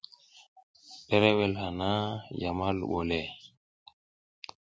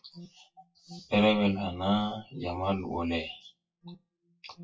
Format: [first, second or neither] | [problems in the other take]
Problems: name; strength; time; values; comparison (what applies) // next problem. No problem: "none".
first | noise reduction (classical method WPE with log-MMSE)